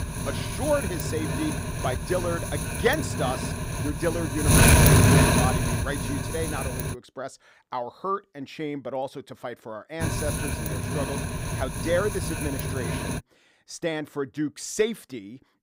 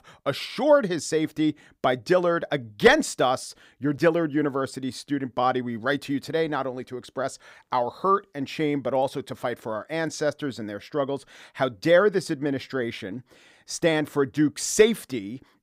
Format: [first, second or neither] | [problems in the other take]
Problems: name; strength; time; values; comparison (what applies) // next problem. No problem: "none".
second | wind noise on the microphone; heavy; until 7 s and from 10 to 13 s; 3 dB above the speech